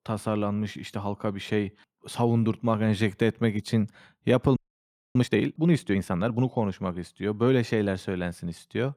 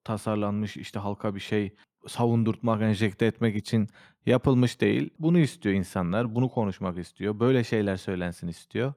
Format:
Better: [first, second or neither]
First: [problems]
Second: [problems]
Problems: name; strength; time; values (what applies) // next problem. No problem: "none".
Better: second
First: audio freezing; at 4.5 s for 0.5 s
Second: none